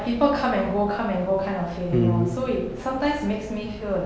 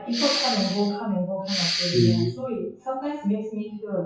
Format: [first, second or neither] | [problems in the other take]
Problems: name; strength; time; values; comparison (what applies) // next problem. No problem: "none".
first | noise reduction (classical method WPE with log-MMSE)